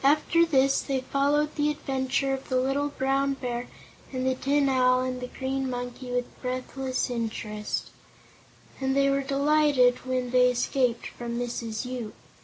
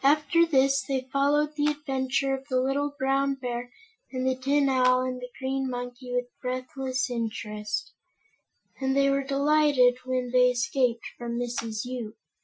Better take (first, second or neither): first